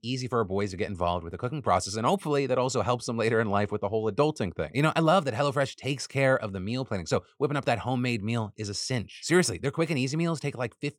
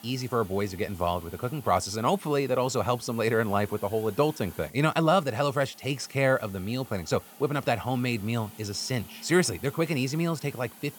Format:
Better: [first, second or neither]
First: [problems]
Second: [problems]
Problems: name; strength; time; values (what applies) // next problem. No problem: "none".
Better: first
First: none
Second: hiss; noticeable; throughout; 20 dB below the speech